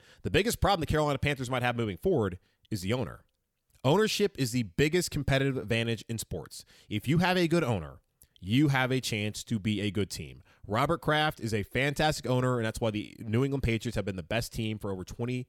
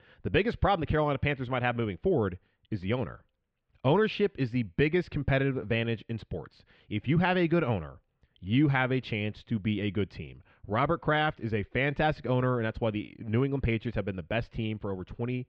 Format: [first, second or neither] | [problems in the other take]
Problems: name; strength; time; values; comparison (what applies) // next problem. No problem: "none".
first | muffled; very; fading above 3 kHz